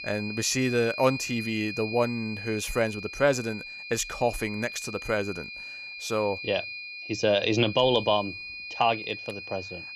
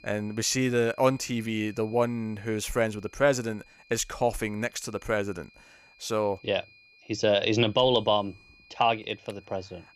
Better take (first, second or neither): second